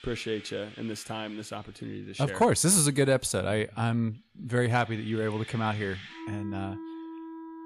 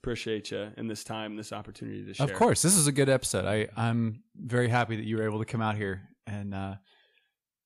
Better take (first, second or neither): second